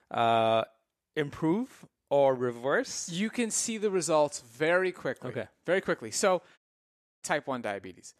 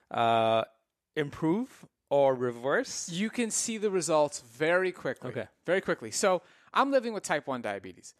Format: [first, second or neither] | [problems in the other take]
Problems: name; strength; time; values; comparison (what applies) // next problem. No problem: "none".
second | audio cutting out; at 6.5 s for 0.5 s